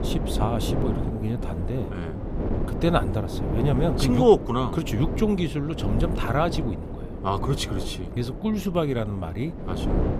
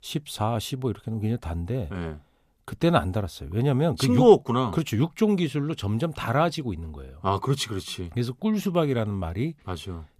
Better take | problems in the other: second | wind noise on the microphone; heavy; 7 dB below the speech

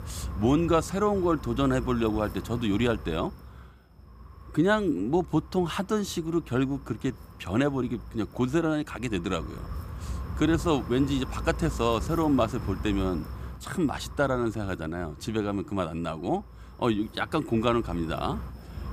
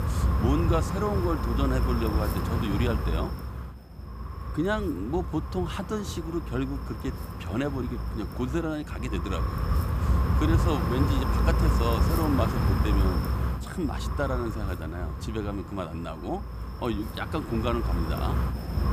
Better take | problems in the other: first | wind noise on the microphone; heavy; 3 dB below the speech; occasional gusts in the first

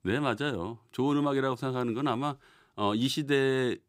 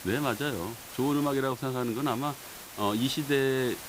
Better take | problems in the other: first | hiss; noticeable; throughout; 10 dB below the speech

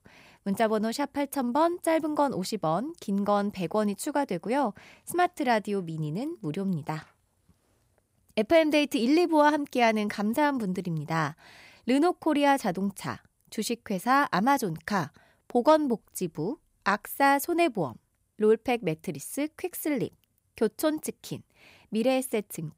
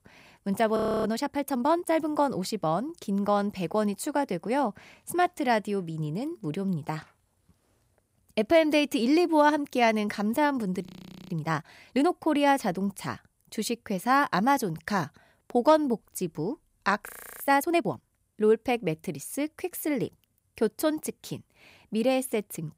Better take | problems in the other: first | audio freezing; at 1 s, at 11 s and at 17 s

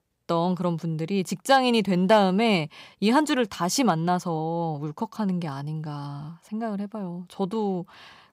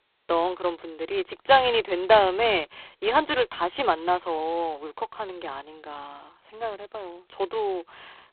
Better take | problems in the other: first | phone-call audio; poor line; nothing above 4 kHz

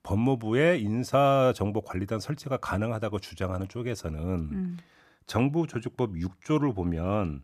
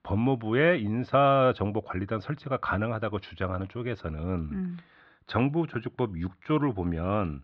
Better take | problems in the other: first | muffled; slightly; fading above 4 kHz

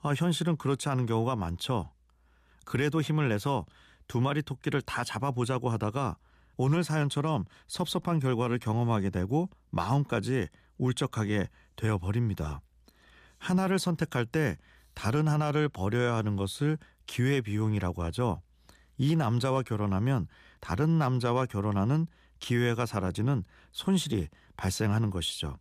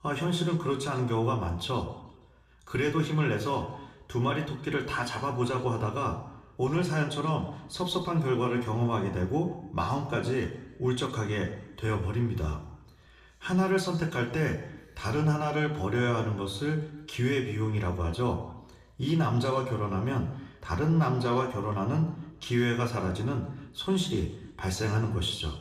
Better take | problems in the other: first | room echo; slight; dies away in 0.8 s // off-mic speech; somewhat distant

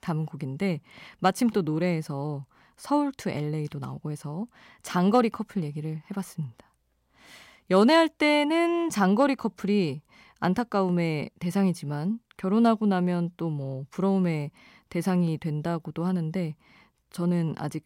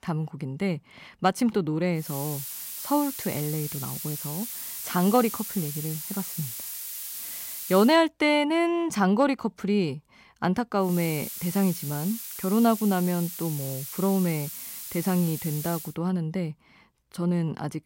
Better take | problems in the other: first | hiss; loud; from 2 to 8 s and from 11 to 16 s; 7 dB below the speech

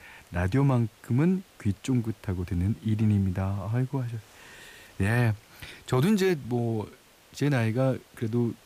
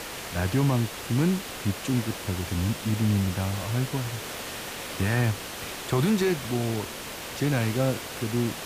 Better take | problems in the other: first | hiss; loud; throughout; 7 dB below the speech; faint in the first

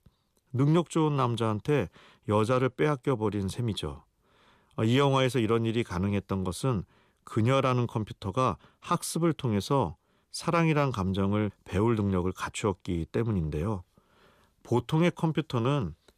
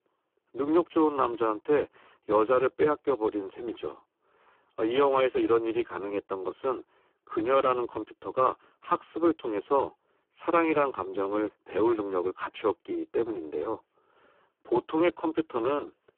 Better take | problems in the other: first | phone-call audio; poor line

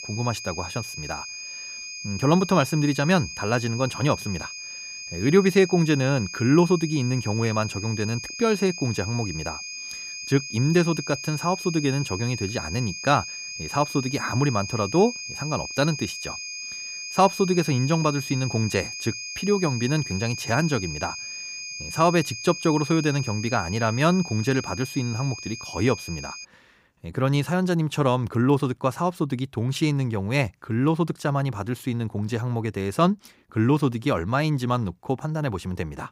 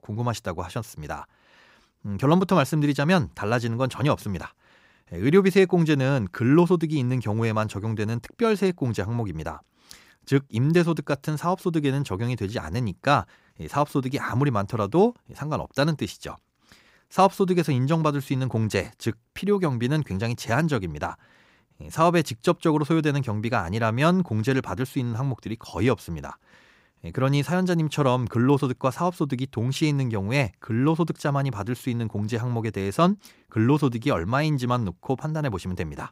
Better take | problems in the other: second | high-pitched whine; loud; until 26 s; 2.5 kHz, 9 dB below the speech

